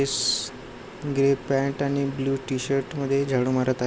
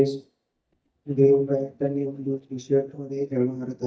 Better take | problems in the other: first | noise reduction (neural mask model DeepFilterNet 3)

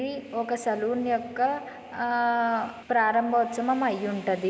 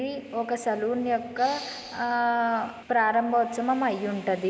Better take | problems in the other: first | background sound (Respiratory sounds); 16 dB below the speech

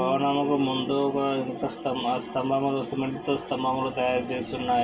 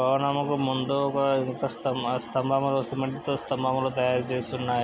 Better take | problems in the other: second | background sound (Piano); 15 dB below the speech // room echo; dies away in 0.2 s

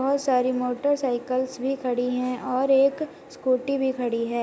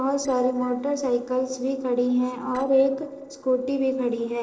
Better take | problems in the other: first | noise reduction (neural separator model SepFormer DNS4)

